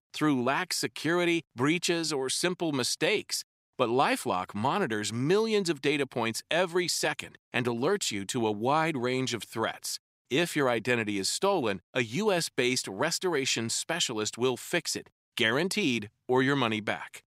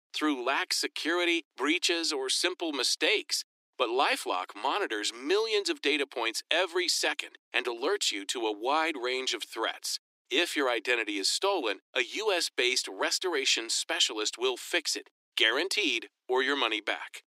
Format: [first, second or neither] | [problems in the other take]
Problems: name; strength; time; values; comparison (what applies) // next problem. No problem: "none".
first | thin; somewhat; fading below 300 Hz